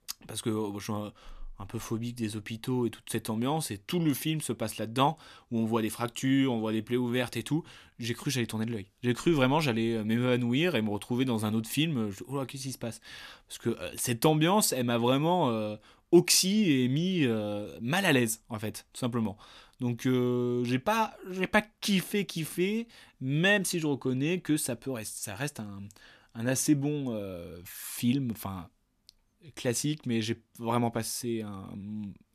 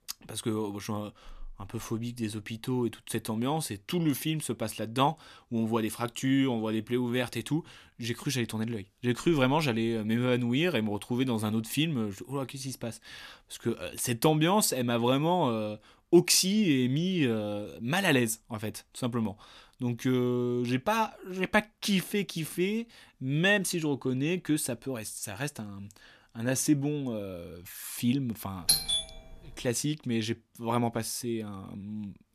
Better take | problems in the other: first | doorbell; loud; at 29 s; peak 5 dB above the speech

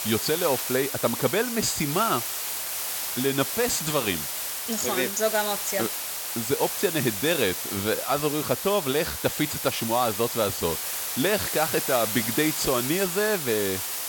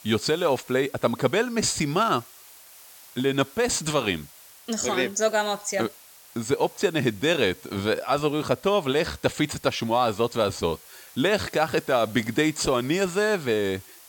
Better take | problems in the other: second | hiss; loud; throughout; 2 dB below the speech; faint in the second

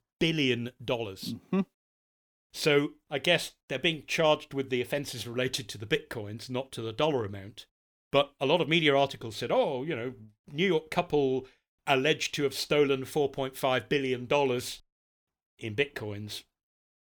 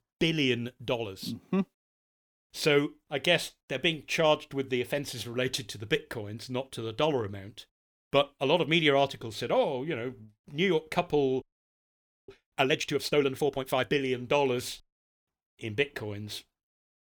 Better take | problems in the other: first | audio freezing; at 11 s for 1 s

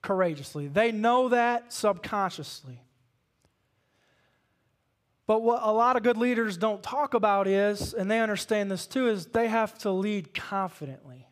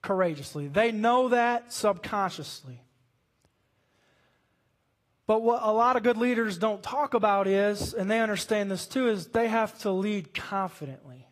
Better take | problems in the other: first | garbled, watery; slightly; nothing above 15 kHz

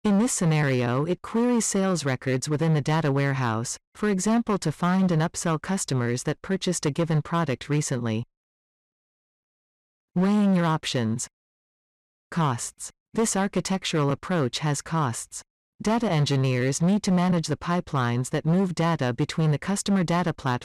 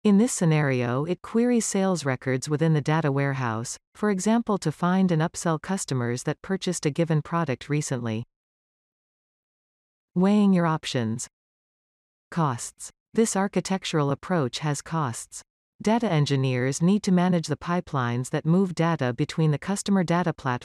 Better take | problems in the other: second | distortion; slight; 11% of the sound clipped

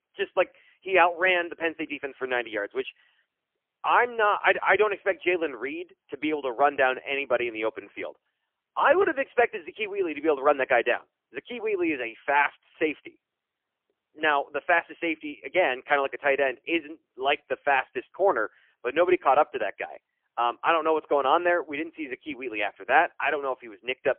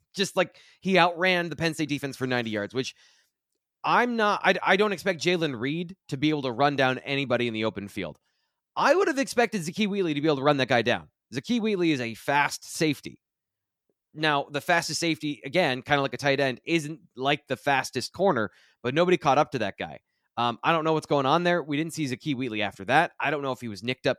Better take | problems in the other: second | phone-call audio; poor line; nothing above 3 kHz

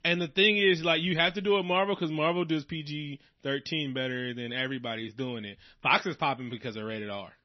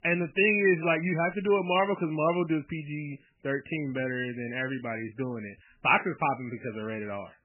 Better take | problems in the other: first | garbled, watery; badly; nothing above 3 kHz; slightly in the first

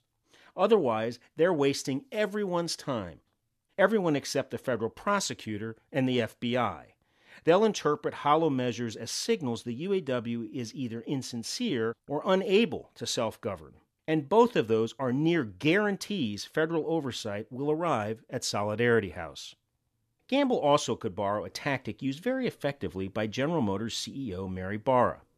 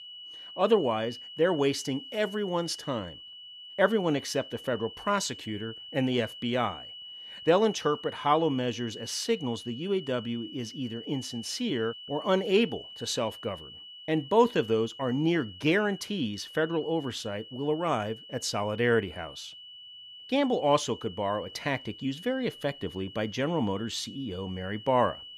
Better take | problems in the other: first | high-pitched whine; noticeable; throughout; 3 kHz, 15 dB below the speech

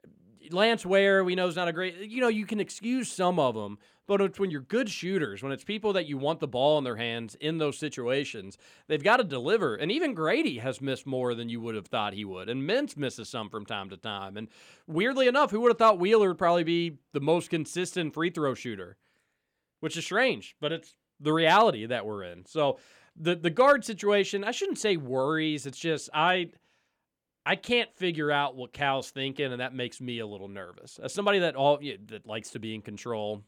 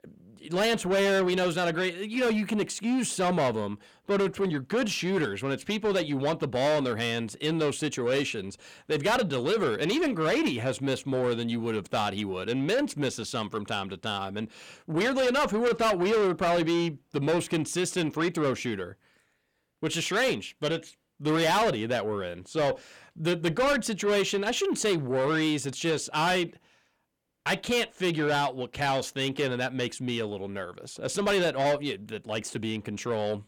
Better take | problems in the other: first | distortion; heavy; 7 dB below the speech

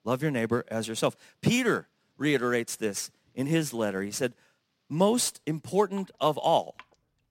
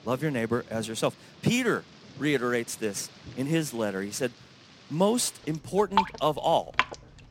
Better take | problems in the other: first | rain or running water; loud; throughout; 4 dB below the speech; faint in the first

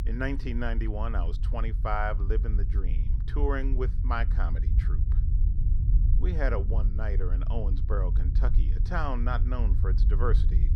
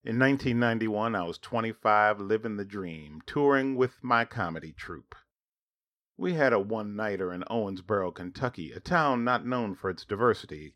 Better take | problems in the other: second | low rumble; noticeable; throughout; 10 dB below the speech

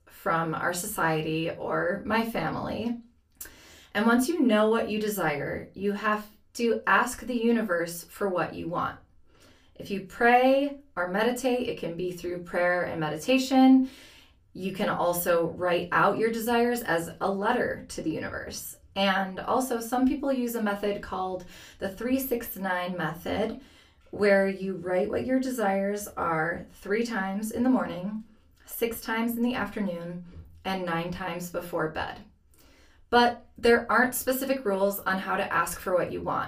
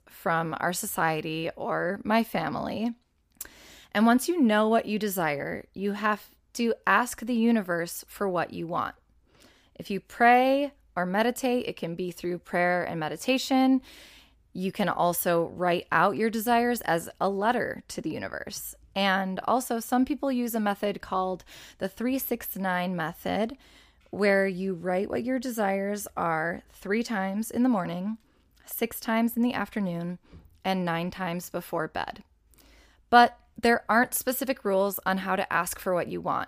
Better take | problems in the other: second | off-mic speech; far // room echo; very slight; dies away in 0.2 s

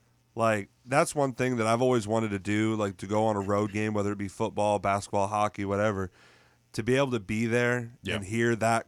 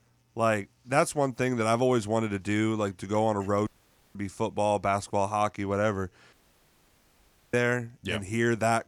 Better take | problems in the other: first | audio cutting out; at 3.5 s and at 6.5 s for 1 s

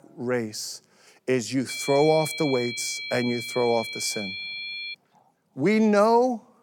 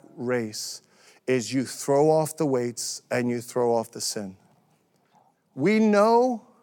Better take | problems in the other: second | high-pitched whine; loud; from 1.5 to 5 s; 2.5 kHz, 7 dB below the speech

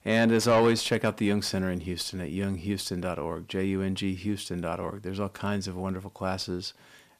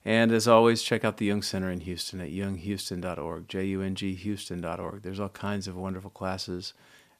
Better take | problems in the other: second | distortion; slight; 10 dB below the speech

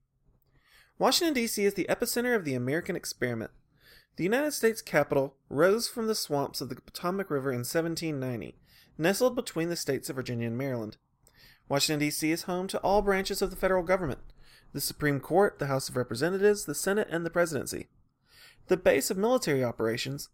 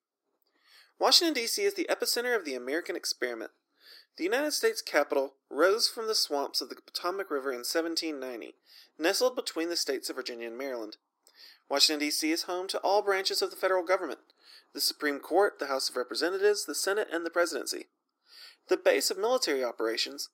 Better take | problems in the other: first | thin; somewhat; fading below 300 Hz

